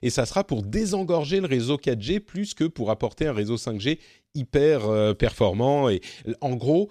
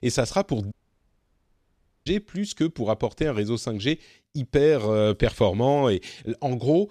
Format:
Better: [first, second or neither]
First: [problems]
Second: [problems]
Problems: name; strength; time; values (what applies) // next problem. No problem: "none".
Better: first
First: none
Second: audio cutting out; at 0.5 s for 1.5 s